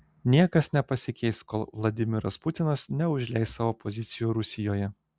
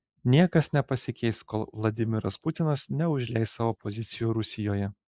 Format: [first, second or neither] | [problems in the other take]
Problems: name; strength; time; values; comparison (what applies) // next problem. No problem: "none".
first | noise reduction (neural mask model Resemble Enhance denoiser)